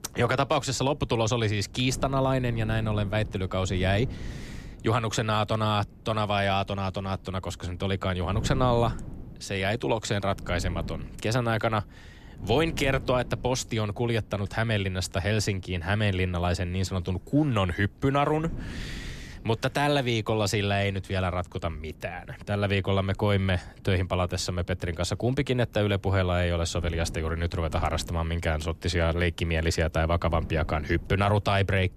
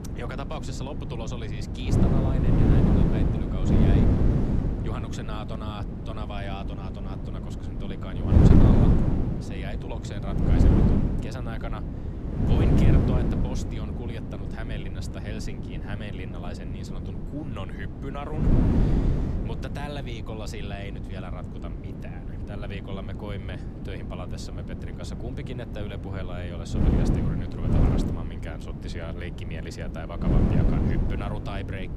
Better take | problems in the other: first | wind noise on the microphone; heavy; 5 dB above the speech; occasional gusts in the first

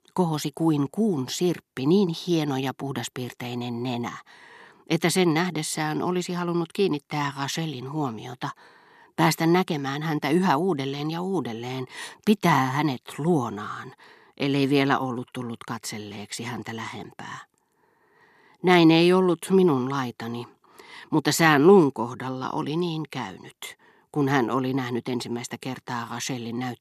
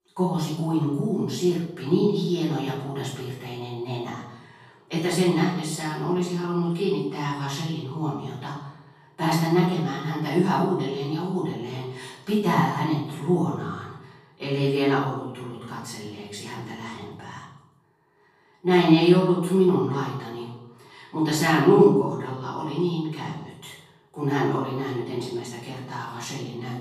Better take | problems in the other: first | off-mic speech; far // room echo; noticeable; dies away in 0.8 s

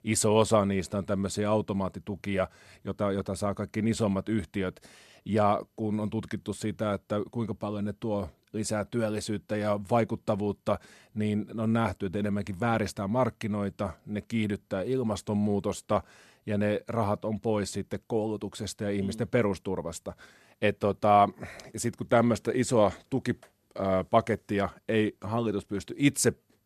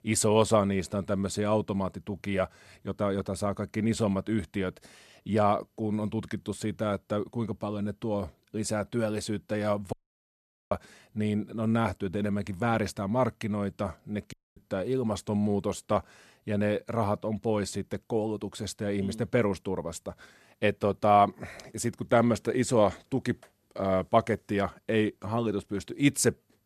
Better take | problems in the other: first | audio cutting out; at 10 s for 1 s and at 14 s

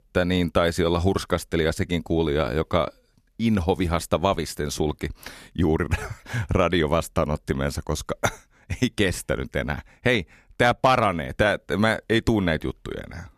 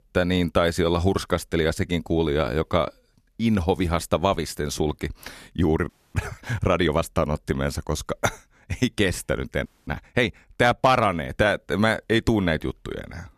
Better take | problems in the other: first | audio freezing; at 6 s and at 9.5 s

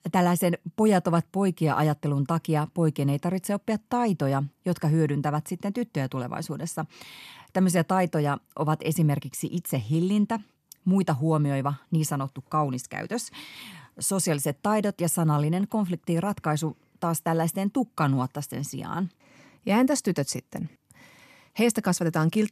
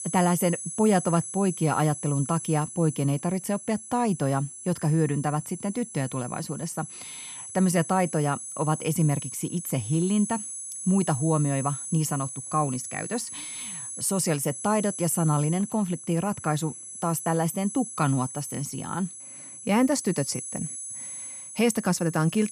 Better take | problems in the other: first | high-pitched whine; loud; throughout; 10 kHz, 9 dB below the speech

